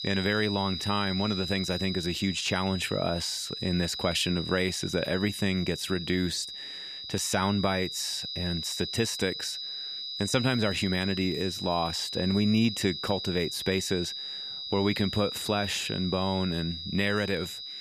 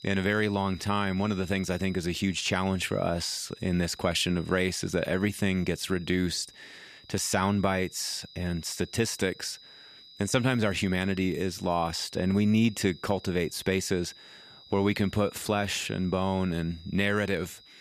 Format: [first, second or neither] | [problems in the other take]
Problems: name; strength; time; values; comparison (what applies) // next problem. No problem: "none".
second | high-pitched whine; loud; throughout; 4 kHz, 5 dB below the speech; faint in the second